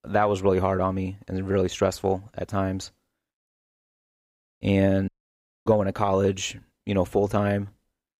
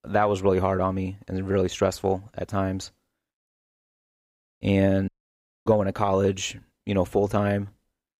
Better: neither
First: audio cutting out; at 5 s for 0.5 s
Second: audio cutting out; at 5 s for 0.5 s

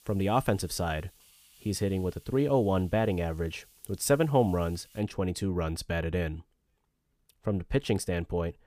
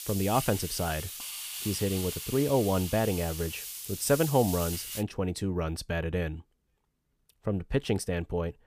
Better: first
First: hiss; faint; until 5 s; 25 dB below the speech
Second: hiss; loud; until 5 s; 6 dB below the speech

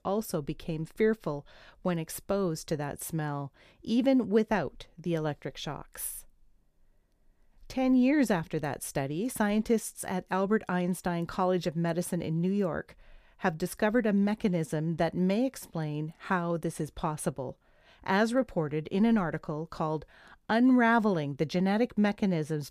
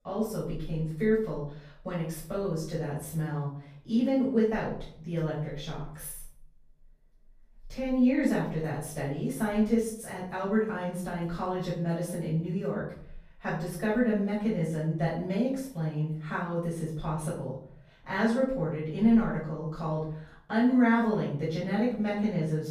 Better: first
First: none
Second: off-mic speech; far // room echo; noticeable; dies away in 0.6 s

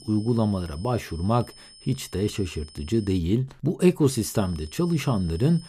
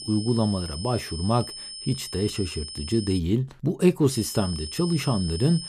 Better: first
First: high-pitched whine; faint; until 3 s and from 4 s on; 5 kHz, 20 dB below the speech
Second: high-pitched whine; loud; until 3 s and from 4 s on; 5 kHz, 9 dB below the speech

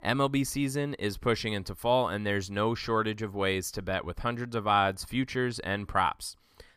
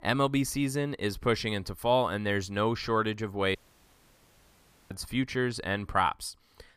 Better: first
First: none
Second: audio cutting out; at 3.5 s for 1.5 s

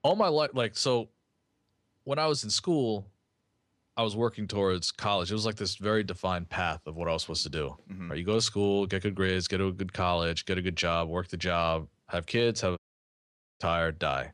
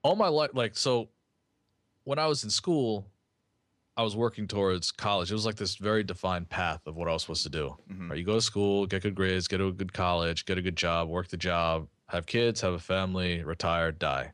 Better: second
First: audio cutting out; at 13 s for 1 s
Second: none

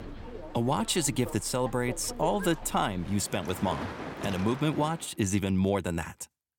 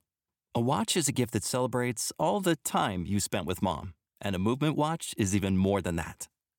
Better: second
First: train or aircraft noise; noticeable; until 5 s; 10 dB below the speech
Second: none

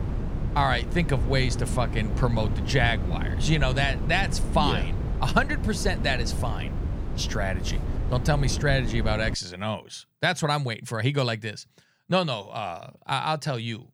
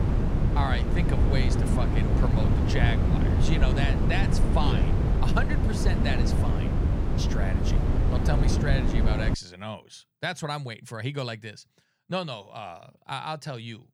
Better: first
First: wind noise on the microphone; occasional gusts; until 9.5 s; 10 dB below the speech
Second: wind noise on the microphone; heavy; until 9.5 s; 1 dB below the speech

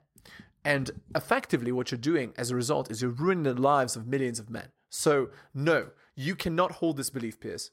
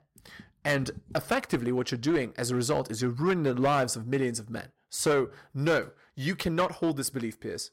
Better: first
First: none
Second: distortion; slight; 4% of the sound clipped

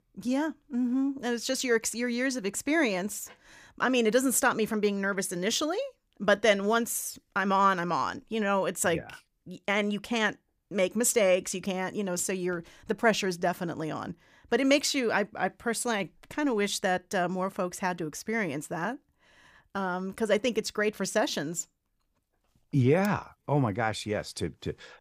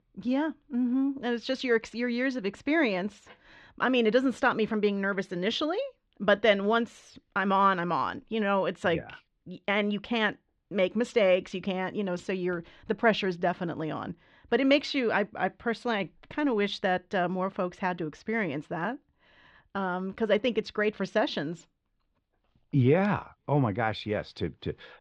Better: first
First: none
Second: muffled; slightly; fading above 3.5 kHz

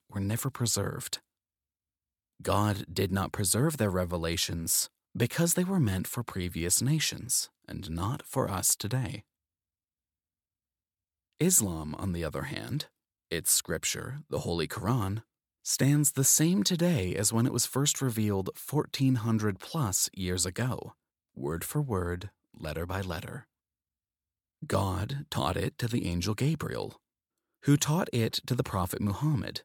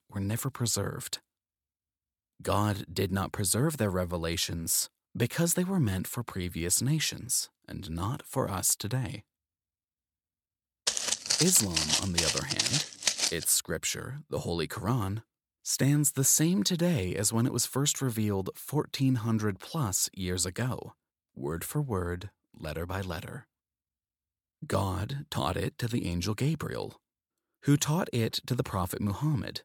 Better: first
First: none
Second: footsteps; loud; from 11 to 13 s; peak 4 dB above the speech

